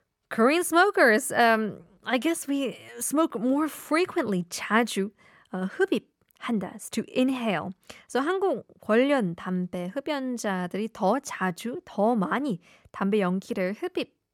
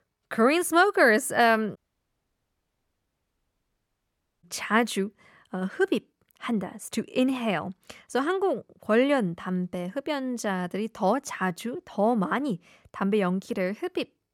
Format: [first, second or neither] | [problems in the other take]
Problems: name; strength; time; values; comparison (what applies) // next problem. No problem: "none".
first | audio cutting out; at 2 s for 2.5 s